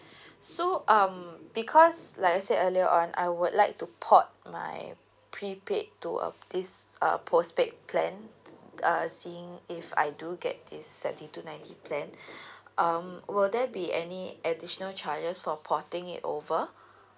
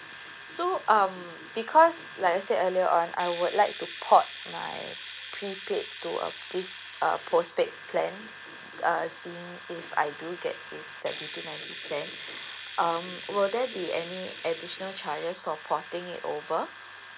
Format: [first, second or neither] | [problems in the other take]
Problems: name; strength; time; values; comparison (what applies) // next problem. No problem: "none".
first | background sound (Domestic sounds, home sounds); 13 dB below the speech